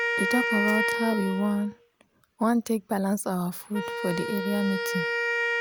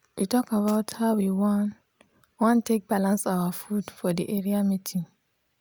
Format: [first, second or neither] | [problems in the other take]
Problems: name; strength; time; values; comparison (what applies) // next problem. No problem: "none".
second | background sound (Wind instrument, woodwind instrument); 2 dB below the speech